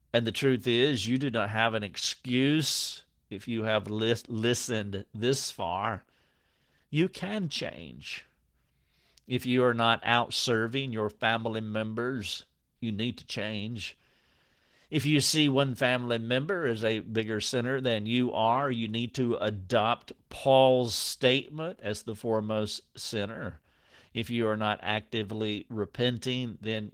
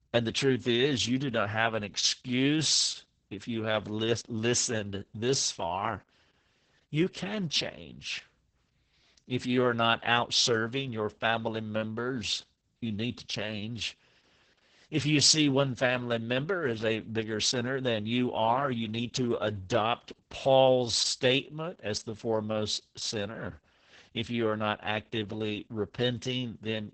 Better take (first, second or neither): first